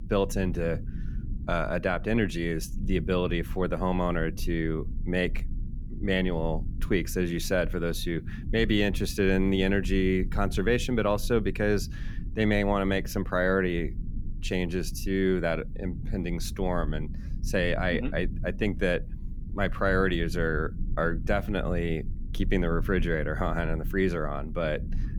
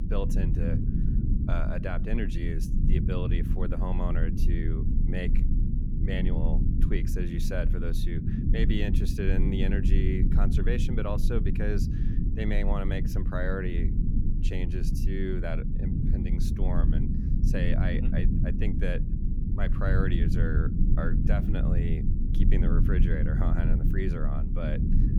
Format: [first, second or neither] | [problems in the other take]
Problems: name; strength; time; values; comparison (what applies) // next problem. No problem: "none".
first | low rumble; loud; throughout; 3 dB below the speech; faint in the first